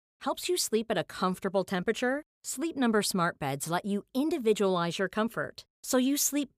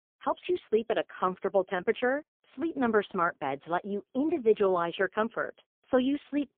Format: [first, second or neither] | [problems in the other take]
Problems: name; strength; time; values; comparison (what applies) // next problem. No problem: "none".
first | phone-call audio; poor line; nothing above 3 kHz